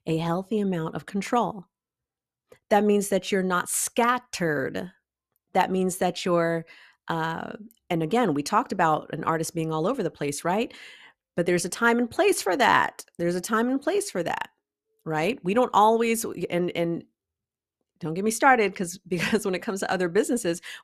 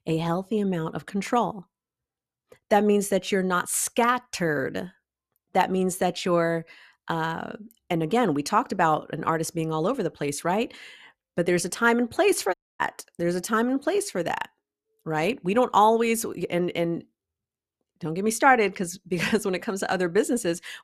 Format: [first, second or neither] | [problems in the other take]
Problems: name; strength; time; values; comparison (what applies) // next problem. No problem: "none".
first | audio cutting out; at 13 s